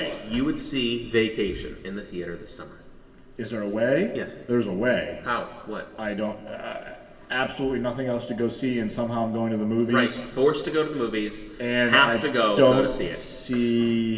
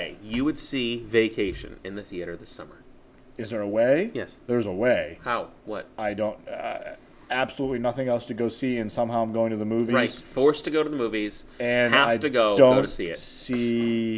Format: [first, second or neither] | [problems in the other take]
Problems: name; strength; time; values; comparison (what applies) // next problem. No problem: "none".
second | room echo; dies away in 2.6 s